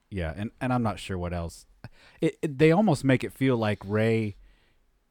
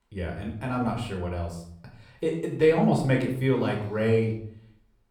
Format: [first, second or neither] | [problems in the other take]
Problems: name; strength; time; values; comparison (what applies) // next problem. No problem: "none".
first | off-mic speech; somewhat distant // room echo; slight; dies away in 0.5 s